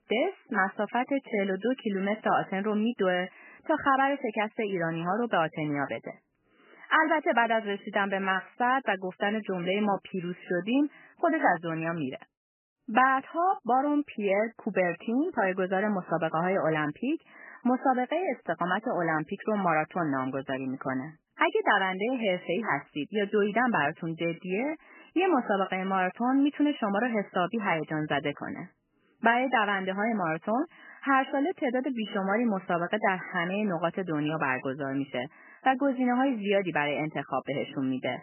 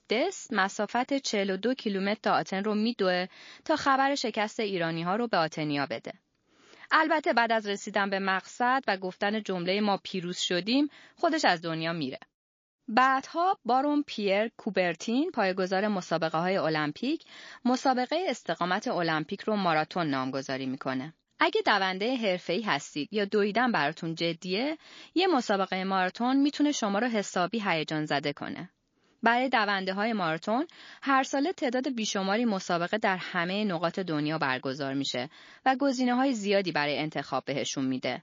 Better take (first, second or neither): second